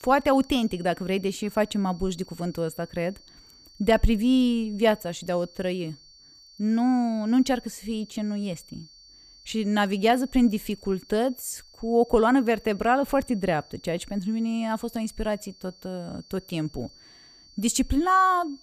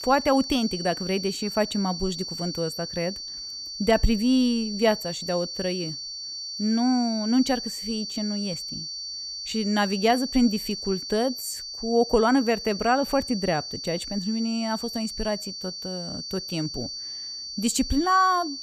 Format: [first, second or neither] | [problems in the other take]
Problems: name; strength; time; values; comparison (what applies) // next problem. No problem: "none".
first | high-pitched whine; loud; throughout; 4.5 kHz, 7 dB below the speech; faint in the first